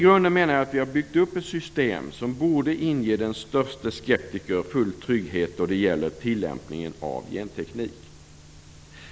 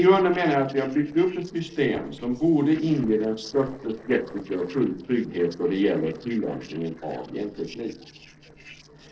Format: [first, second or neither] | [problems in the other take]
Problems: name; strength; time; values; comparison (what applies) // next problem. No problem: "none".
first | noise reduction (neural separator model SepFormer DNS4)